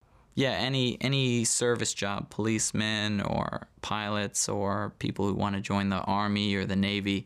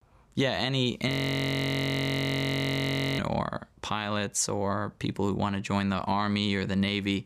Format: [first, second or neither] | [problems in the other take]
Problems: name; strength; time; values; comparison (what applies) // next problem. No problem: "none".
first | audio freezing; at 1 s for 2 s